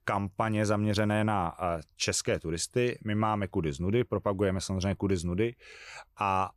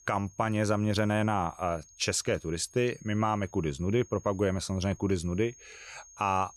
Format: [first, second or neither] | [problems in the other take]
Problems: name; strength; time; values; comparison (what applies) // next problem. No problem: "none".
first | high-pitched whine; faint; throughout; 6.5 kHz, 25 dB below the speech